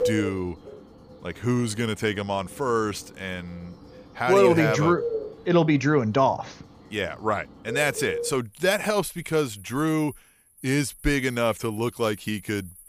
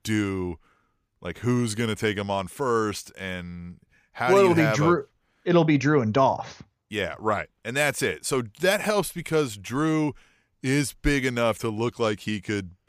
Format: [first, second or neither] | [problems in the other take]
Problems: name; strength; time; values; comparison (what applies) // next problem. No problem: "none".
second | animal sounds; loud; throughout; 9 dB below the speech